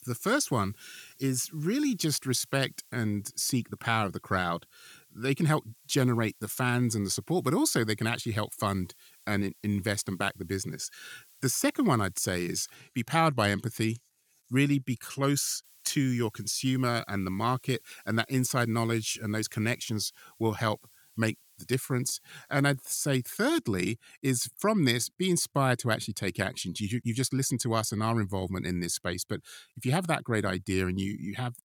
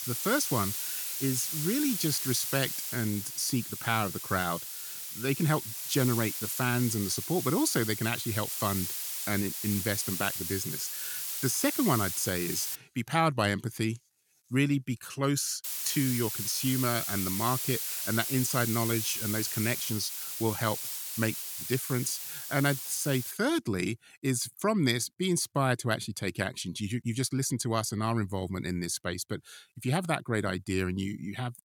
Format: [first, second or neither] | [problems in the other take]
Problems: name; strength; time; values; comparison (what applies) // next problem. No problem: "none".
first | hiss; loud; until 13 s and from 16 to 23 s; 2 dB below the speech; faint in the first